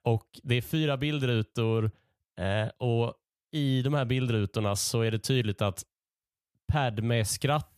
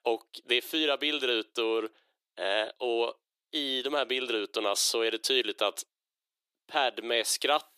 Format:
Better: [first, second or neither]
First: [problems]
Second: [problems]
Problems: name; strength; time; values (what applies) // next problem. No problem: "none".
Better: first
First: none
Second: thin; very; fading below 350 Hz